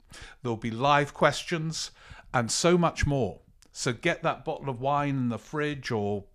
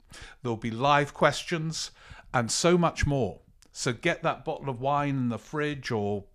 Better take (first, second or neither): neither